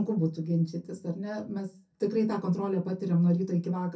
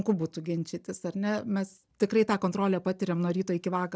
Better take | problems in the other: second | room echo; dies away in 0.3 s

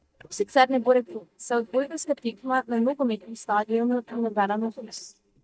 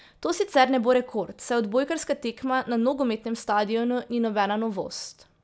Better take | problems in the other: second | noise reduction (neural mask model DeepFilterNet 3)

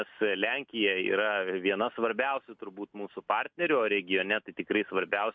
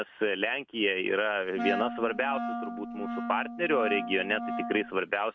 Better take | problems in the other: first | background sound (Wind instrument, woodwind instrument); 5 dB below the speech

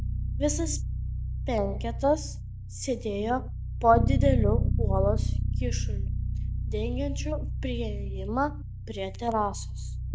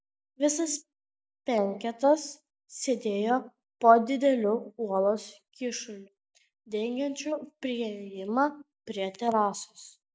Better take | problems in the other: second | background sound (Bass guitar); 1 dB above the speech

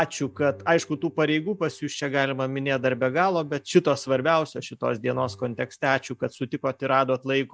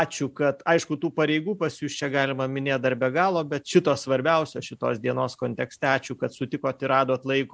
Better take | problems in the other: second | noise reduction (neural mask model DeepFilterNet 3)

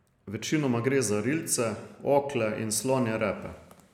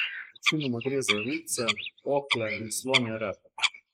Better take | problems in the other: first | noise reduction (neural mask model Resemble Enhance denoiser)

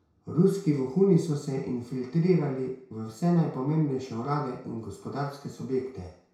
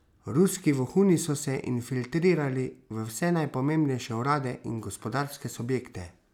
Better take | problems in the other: second | room echo; dies away in 0.6 s

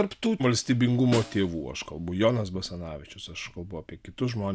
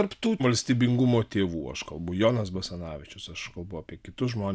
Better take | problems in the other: second | background sound (Snare drum); 15 dB below the speech

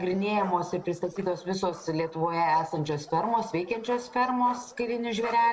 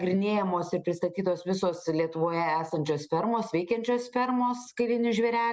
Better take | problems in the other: second | noise reduction (neural separator model SepFormer DNS4)

